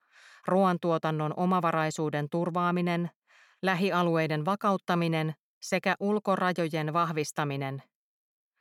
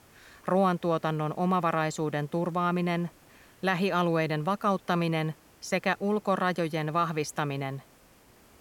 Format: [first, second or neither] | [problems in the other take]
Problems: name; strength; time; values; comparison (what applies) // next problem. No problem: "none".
first | hiss; faint; throughout; 30 dB below the speech